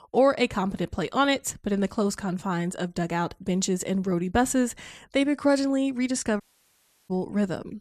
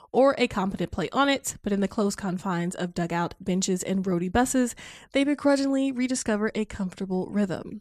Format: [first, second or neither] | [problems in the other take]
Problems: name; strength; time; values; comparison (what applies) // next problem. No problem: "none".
second | audio cutting out; at 6.5 s for 0.5 s